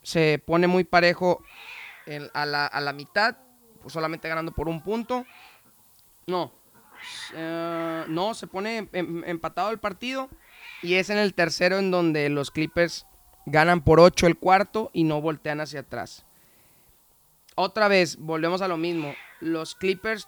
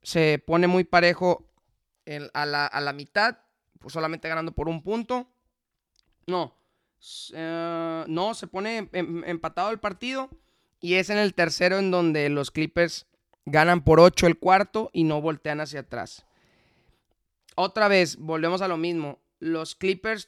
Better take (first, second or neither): second